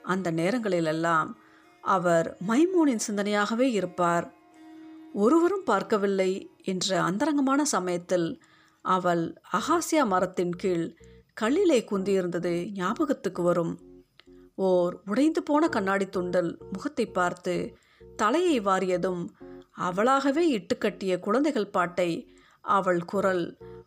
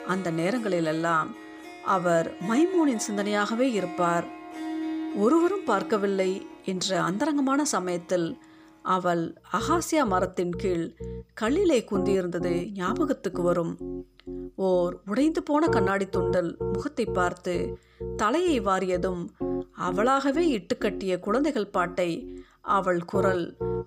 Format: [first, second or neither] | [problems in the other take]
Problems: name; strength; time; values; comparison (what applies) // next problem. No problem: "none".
first | background music; loud; throughout; 9 dB below the speech; faint in the first